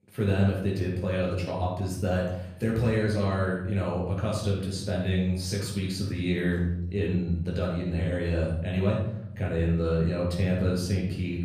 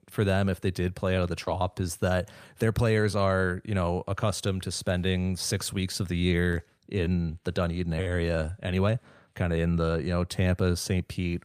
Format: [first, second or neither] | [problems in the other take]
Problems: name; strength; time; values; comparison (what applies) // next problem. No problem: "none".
second | off-mic speech; far // room echo; noticeable; dies away in 0.8 s